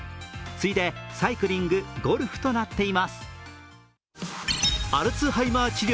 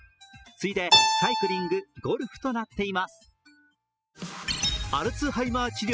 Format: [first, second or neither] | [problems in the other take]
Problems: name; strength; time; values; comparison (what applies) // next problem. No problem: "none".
first | noise reduction (classical method spectral subtraction)